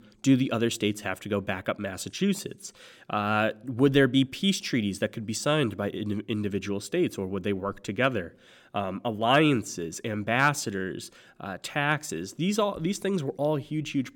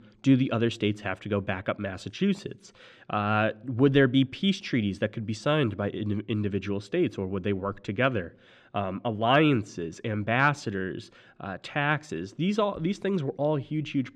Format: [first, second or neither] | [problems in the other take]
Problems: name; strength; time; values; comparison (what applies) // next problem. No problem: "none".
first | muffled; slightly; fading above 3.5 kHz